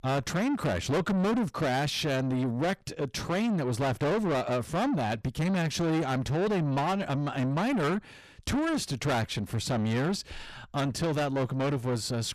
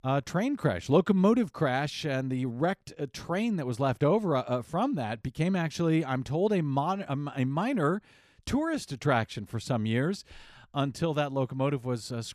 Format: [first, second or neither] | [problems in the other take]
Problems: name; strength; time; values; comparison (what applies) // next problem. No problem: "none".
second | distortion; heavy; 6 dB below the speech